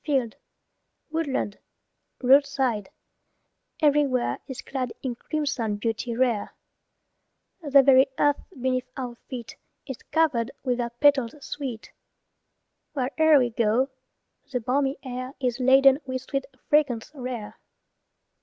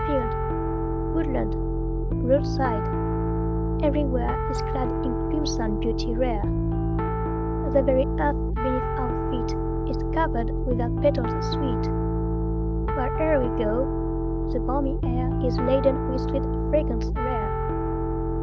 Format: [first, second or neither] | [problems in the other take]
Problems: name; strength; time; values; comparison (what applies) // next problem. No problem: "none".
first | background sound (Piano); 4 dB above the speech